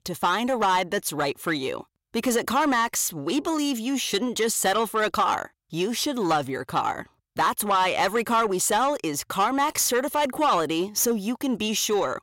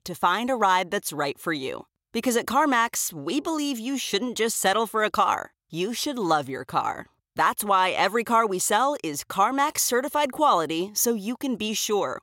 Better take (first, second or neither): second